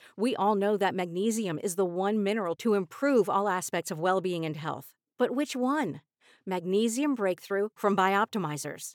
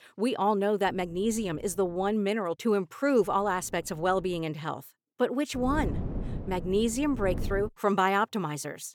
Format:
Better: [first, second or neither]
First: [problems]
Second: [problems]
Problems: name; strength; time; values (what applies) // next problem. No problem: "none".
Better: first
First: none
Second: wind noise on the microphone; occasional gusts; from 1 to 2 s, from 3 to 4.5 s and from 5.5 to 7.5 s; 15 dB below the speech